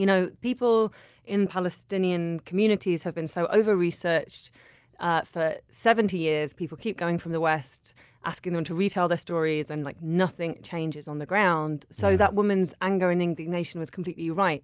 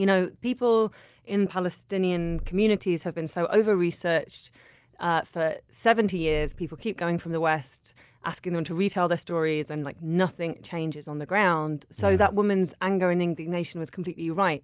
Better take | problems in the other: first | background sound (Purr); 12 dB below the speech

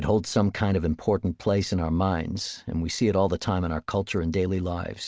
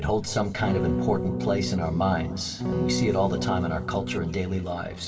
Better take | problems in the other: first | background sound (Electric guitar / Strum); 2 dB below the speech // room echo; dies away in 2.9 s

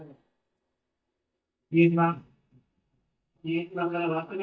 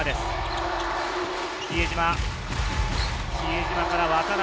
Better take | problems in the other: second | noise reduction (neural mask model DeepFilterNet 3)

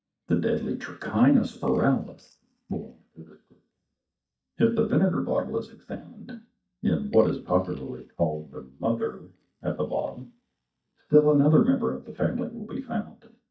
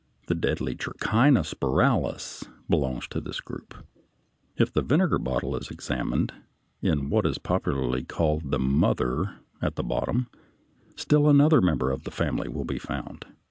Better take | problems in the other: second | noise reduction (neural mask model DeepFilterNet 3)

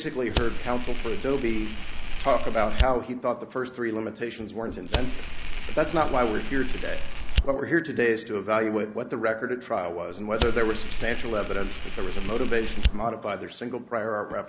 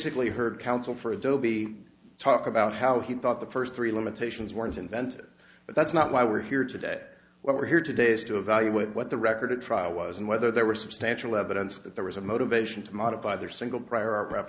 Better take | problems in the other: second | background sound (Fire); 2 dB above the speech

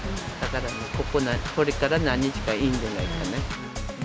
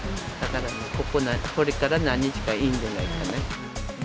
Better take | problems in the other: first | background sound (Fireworks); 19 dB below the speech

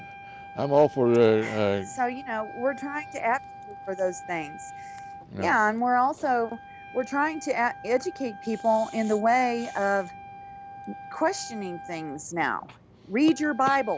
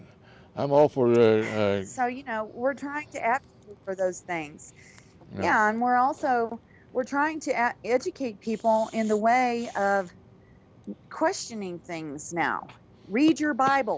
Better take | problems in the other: second | background sound (Wind instrument, woodwind instrument); 16 dB below the speech

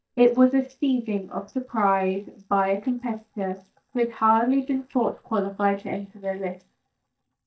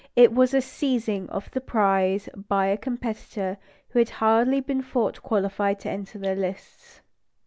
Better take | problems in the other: second | noise reduction (neural mask model DeepFilterNet 3)

